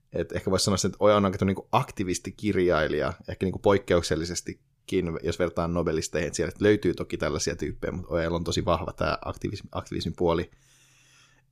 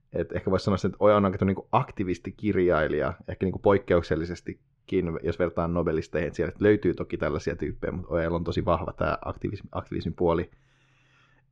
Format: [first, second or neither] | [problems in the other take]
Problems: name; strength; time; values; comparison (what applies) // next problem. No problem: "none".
first | muffled; slightly; fading above 2.5 kHz